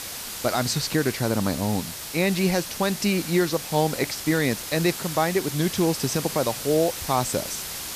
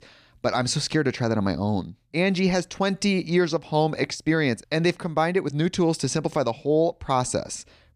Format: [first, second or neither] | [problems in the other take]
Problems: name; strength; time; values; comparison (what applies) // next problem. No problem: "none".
second | hiss; loud; throughout; 7 dB below the speech